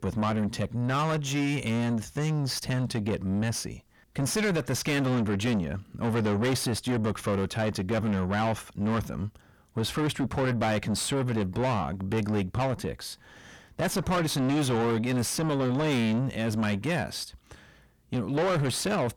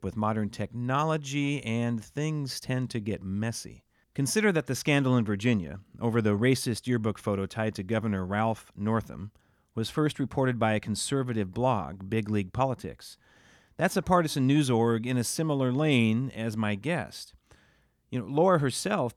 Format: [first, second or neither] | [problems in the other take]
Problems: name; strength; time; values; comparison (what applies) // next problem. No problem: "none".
second | distortion; heavy; 5 dB below the speech